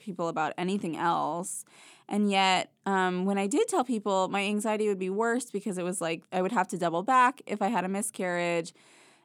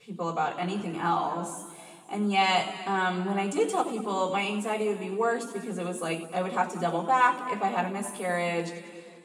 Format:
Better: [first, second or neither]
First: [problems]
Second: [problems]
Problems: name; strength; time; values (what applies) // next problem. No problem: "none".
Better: first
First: none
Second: room echo; noticeable; dies away in 1.9 s // off-mic speech; far